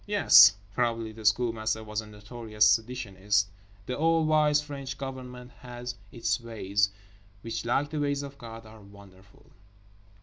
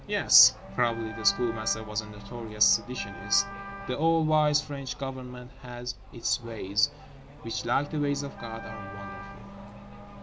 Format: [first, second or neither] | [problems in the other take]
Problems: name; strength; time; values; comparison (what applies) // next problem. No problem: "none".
first | background sound (Race car, auto racing / Accelerating, revving, vroom + Wind instrument, woodwind instrument); 13 dB below the speech